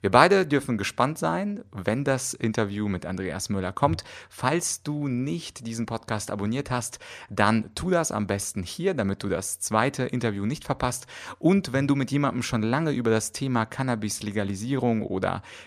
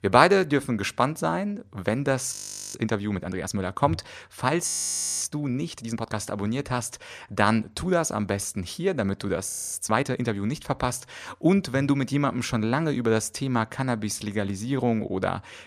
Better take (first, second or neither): first